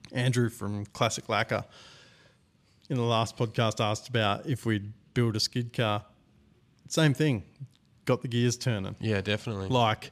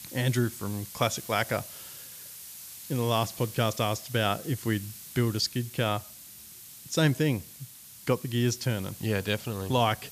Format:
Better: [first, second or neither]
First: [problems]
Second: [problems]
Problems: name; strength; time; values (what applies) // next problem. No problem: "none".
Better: first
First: none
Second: hiss; noticeable; throughout; 15 dB below the speech